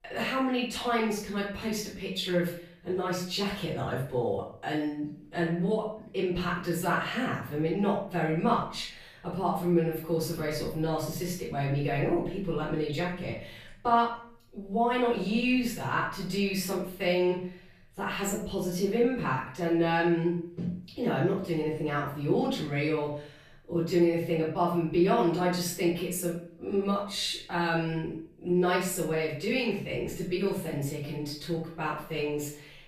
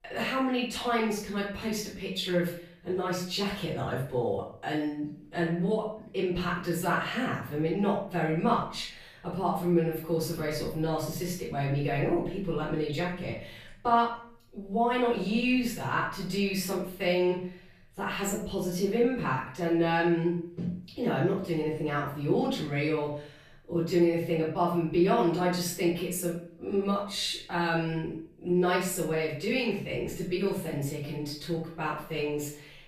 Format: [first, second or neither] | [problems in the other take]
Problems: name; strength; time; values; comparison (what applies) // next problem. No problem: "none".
neither | off-mic speech; far; the same in both // room echo; noticeable; dies away in 0.5 s; the same in both